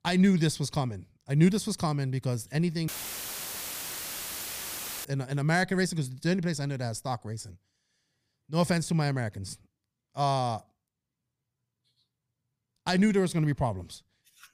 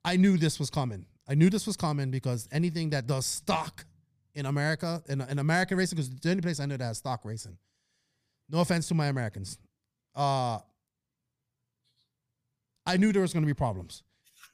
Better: second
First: audio cutting out; filled with static; at 3 s for 2 s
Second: none

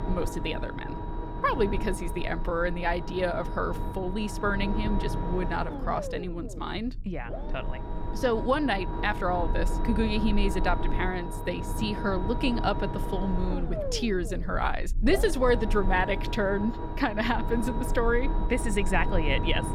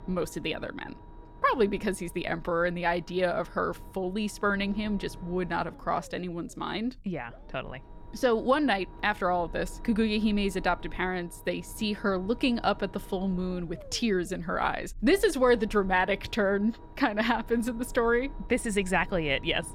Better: second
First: low rumble; loud; throughout; 7 dB below the speech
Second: low rumble; faint; throughout; 20 dB below the speech

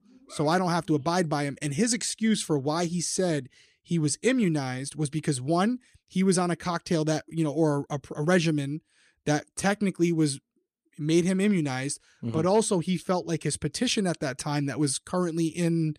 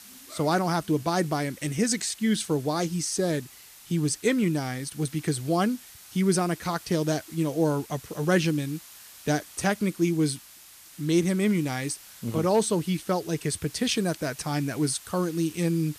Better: first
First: none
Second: hiss; noticeable; throughout; 20 dB below the speech

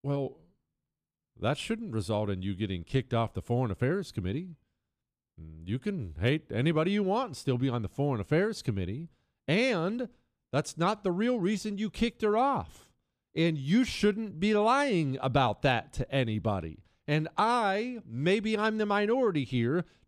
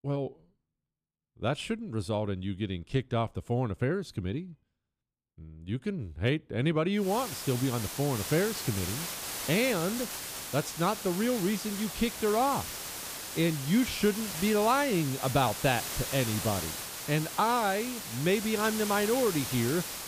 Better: first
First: none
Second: hiss; loud; from 7 s on; 6 dB below the speech

